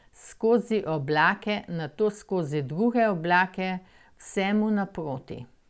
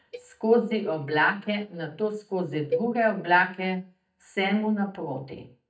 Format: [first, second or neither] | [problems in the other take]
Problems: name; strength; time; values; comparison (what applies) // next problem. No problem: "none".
first | noise reduction (neural mask model DeepFilterNet 3)